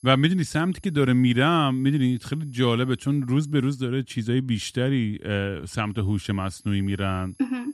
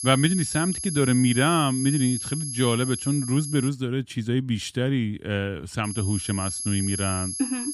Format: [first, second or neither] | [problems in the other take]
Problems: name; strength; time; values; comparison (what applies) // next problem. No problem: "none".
first | high-pitched whine; loud; until 3.5 s and from 6 s on; 11 kHz, 5 dB below the speech; faint in the first